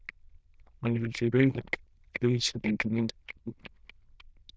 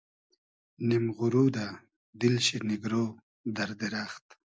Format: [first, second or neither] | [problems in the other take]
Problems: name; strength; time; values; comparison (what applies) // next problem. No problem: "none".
second | noise reduction (neural diffusion model UNIVERSE++)